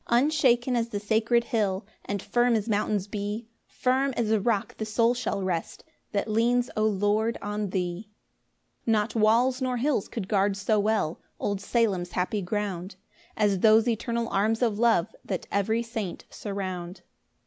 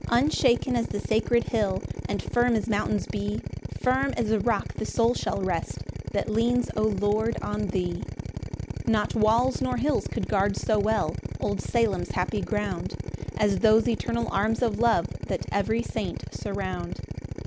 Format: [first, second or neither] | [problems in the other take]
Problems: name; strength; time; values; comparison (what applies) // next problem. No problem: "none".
first | background sound (Drill); 7 dB below the speech